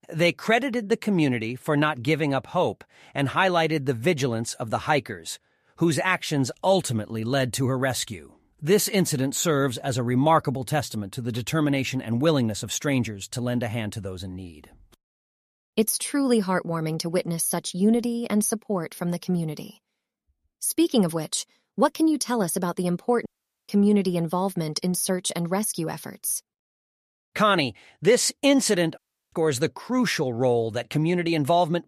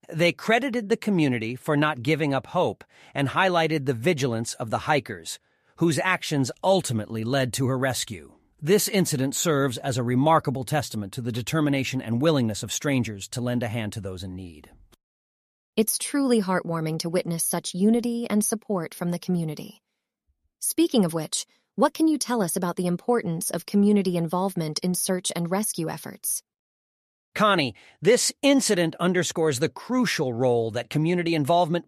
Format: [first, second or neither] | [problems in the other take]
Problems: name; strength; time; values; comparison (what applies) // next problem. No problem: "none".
second | audio cutting out; at 23 s and at 29 s